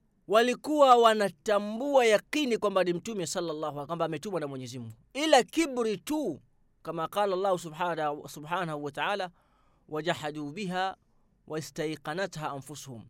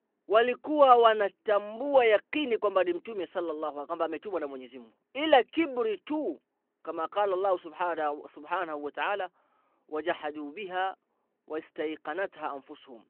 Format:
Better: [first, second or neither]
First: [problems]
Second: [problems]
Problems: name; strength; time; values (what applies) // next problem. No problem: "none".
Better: first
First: none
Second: phone-call audio